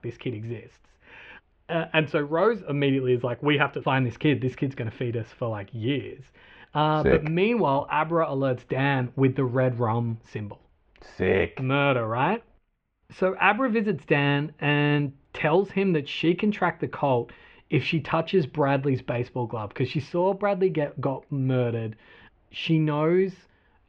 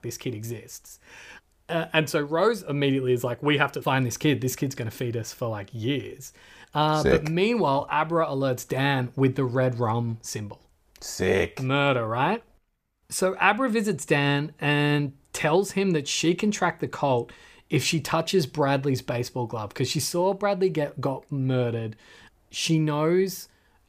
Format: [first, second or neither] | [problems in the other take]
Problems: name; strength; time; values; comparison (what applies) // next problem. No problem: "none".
second | muffled; very; fading above 3 kHz